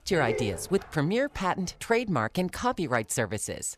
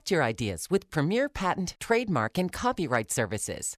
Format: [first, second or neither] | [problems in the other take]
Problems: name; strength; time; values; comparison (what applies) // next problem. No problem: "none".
second | dog barking; noticeable; at the start; peak 4 dB below the speech